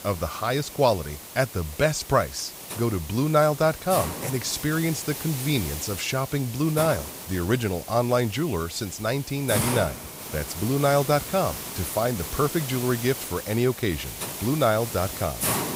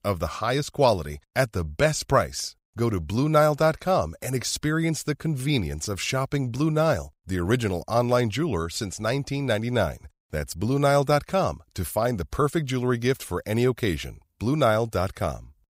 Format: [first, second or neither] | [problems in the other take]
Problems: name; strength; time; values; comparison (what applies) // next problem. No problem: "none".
second | hiss; loud; throughout; 8 dB below the speech